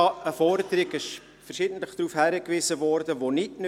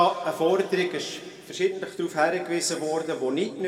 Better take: first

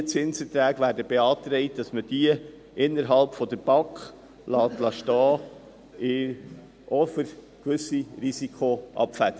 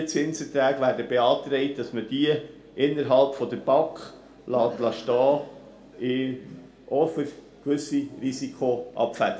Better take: first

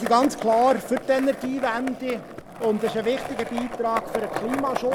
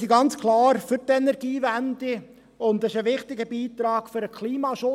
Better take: second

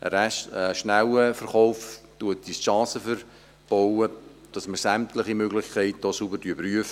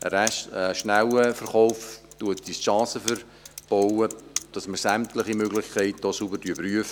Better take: first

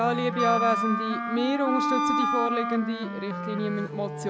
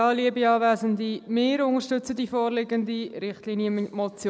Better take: second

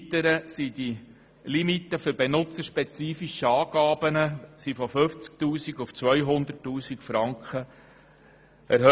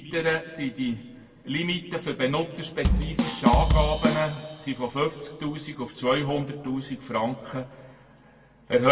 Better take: first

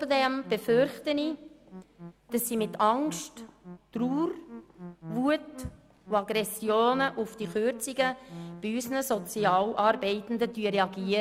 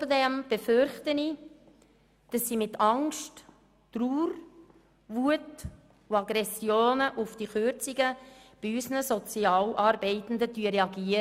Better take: second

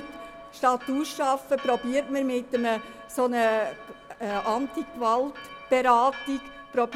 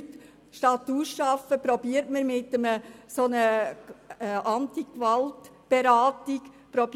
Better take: second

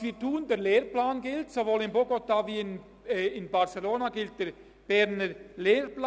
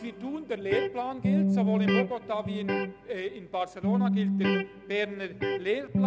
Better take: first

